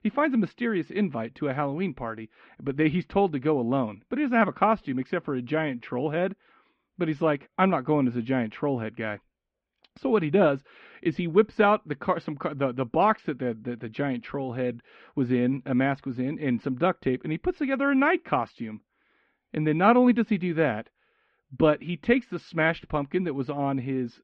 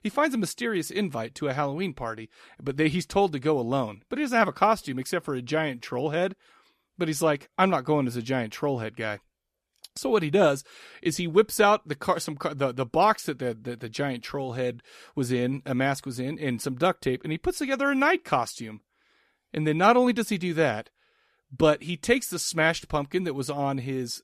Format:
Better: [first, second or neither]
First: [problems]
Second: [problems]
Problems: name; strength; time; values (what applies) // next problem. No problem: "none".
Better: second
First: muffled; very; fading above 3 kHz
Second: none